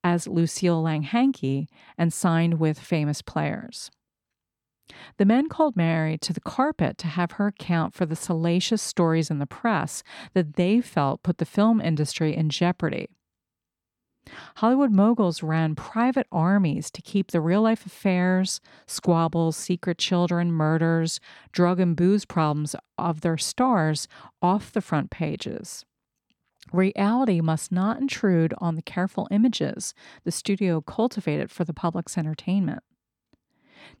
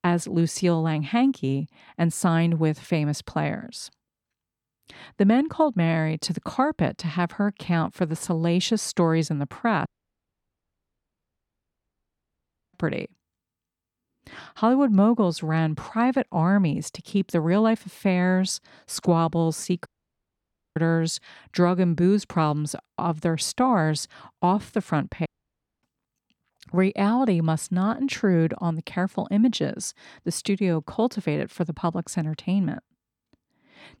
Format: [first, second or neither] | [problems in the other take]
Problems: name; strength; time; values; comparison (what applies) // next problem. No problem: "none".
first | audio cutting out; at 10 s for 3 s, at 20 s for 1 s and at 25 s for 0.5 s